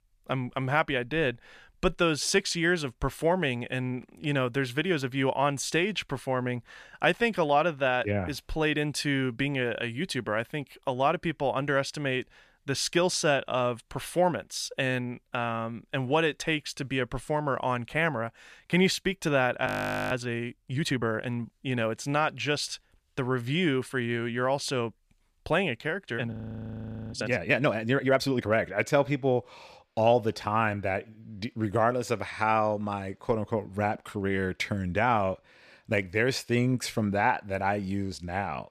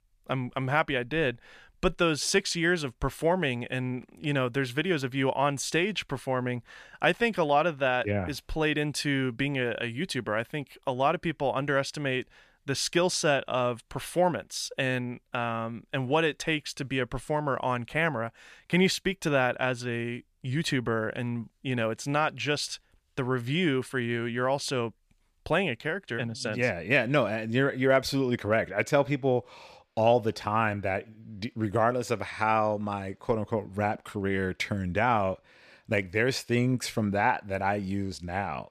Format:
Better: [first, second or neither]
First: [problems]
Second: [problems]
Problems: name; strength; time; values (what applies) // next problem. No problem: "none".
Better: second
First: audio freezing; at 20 s and at 26 s for 1 s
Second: none